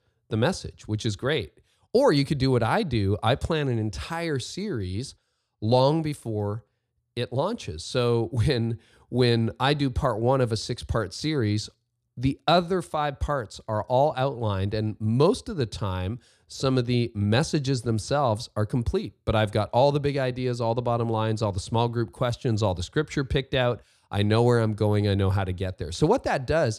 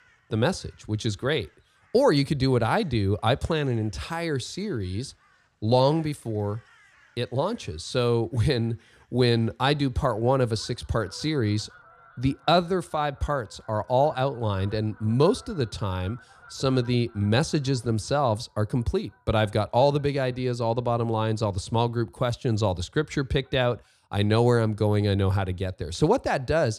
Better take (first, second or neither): first